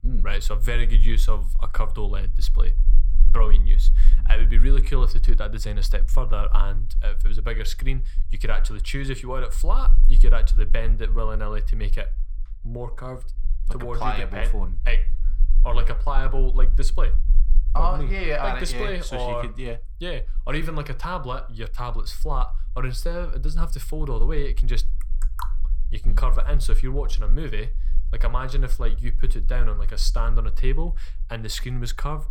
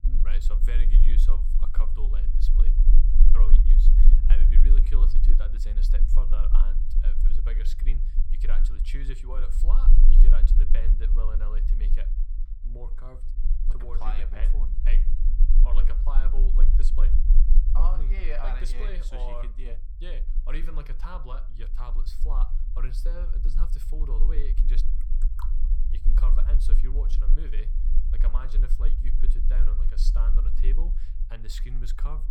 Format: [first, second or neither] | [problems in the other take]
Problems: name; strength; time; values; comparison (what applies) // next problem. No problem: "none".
first | low rumble; loud; throughout; 6 dB below the speech; faint in the first